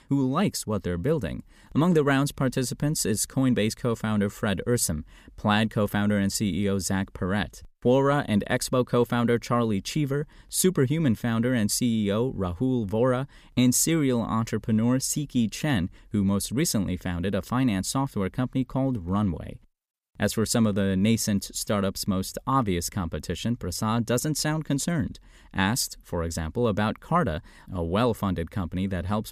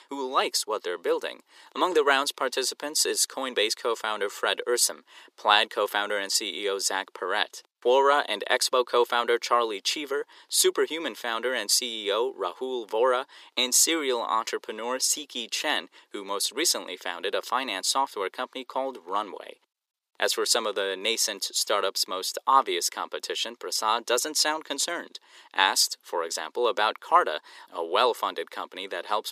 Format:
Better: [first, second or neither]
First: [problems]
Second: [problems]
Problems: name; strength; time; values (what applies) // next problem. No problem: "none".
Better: first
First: none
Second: thin; very; fading below 350 Hz